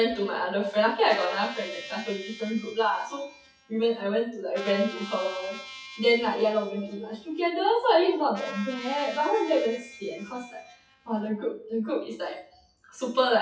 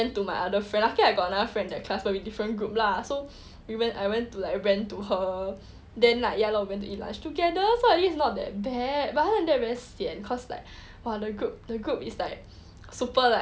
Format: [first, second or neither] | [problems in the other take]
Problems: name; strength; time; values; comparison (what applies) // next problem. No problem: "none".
second | noise reduction (classical method WPE with log-MMSE)